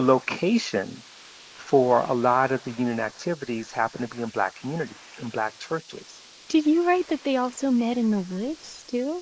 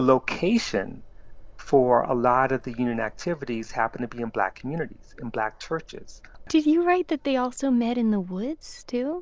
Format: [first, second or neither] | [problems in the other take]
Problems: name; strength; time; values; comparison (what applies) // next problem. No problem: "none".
second | noise reduction (neural mask model Resemble Enhance denoiser)